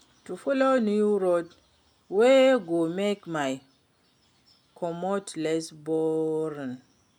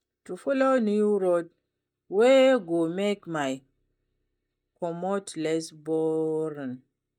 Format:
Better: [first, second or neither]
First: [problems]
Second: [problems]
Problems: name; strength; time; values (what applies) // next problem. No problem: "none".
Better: first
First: none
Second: noise reduction (neural mask model DeepFilterNet 3)